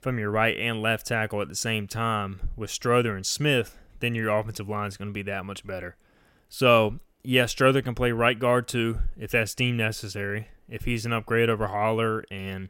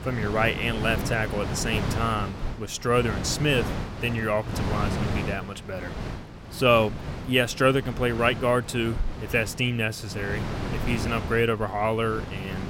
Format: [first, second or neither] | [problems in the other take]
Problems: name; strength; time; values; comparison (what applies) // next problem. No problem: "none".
first | wind noise on the microphone; occasional gusts; 10 dB below the speech